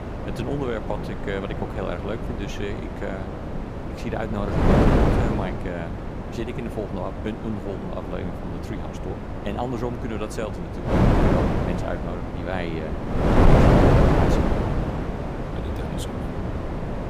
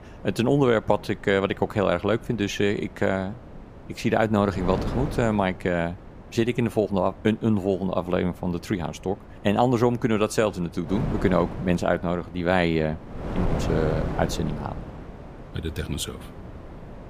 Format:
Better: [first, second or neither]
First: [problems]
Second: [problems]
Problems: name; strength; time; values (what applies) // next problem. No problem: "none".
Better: second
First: wind noise on the microphone; heavy; 5 dB above the speech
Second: wind noise on the microphone; occasional gusts; 15 dB below the speech